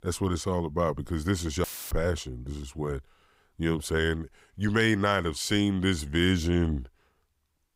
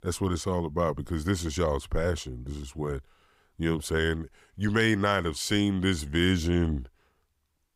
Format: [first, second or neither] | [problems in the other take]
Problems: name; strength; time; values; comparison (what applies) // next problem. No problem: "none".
second | audio cutting out; filled with static; at 1.5 s